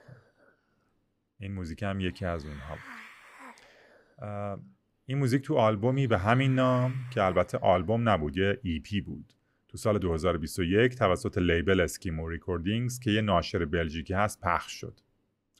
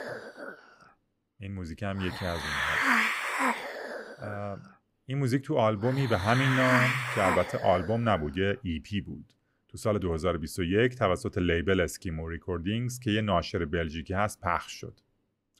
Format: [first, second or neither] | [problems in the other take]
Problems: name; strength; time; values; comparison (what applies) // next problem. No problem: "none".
first | hiss; loud; until 9 s; as loud as the speech; faint in the first